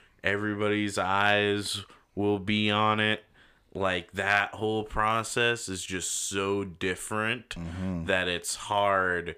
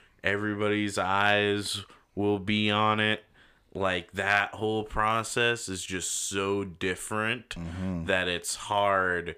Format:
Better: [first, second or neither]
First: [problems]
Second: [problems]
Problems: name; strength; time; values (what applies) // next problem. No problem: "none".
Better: neither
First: none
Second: none